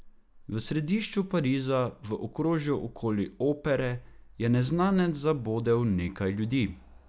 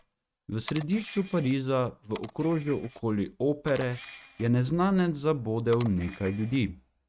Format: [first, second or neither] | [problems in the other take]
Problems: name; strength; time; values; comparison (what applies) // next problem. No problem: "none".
first | noise reduction (neural mask model RNNoise)